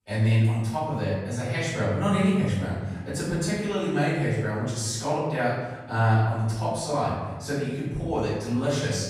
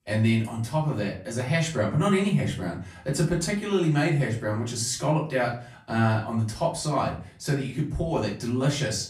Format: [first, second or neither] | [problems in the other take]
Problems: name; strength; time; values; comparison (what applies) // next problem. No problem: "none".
second | room echo; strong; dies away in 1.2 s; slight in the second // off-mic speech; far; far in the second